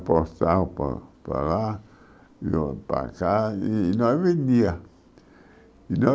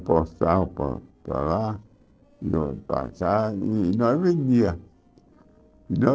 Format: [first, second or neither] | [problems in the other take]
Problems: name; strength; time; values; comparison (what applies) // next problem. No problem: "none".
first | noise reduction (neural separator model SepFormer DNS4)